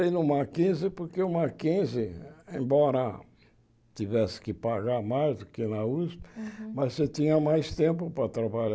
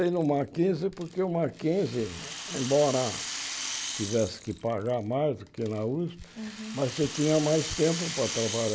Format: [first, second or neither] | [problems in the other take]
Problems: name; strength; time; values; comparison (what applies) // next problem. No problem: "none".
first | background sound (Rattle); 10 dB below the speech